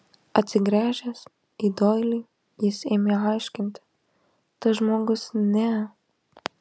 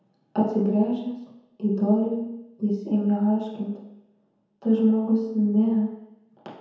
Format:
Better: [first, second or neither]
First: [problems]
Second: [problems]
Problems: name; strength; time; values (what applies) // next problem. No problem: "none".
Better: first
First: none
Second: room echo; dies away in 1 s